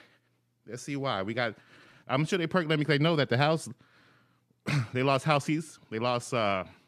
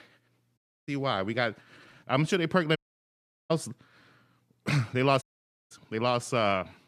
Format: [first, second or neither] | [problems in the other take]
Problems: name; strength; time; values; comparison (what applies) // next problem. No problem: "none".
first | audio cutting out; at 0.5 s, at 3 s for 0.5 s and at 5 s